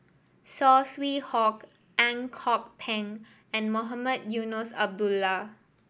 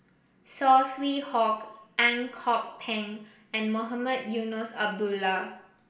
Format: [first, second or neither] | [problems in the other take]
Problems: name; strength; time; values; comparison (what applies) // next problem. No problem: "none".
first | room echo; dies away in 0.6 s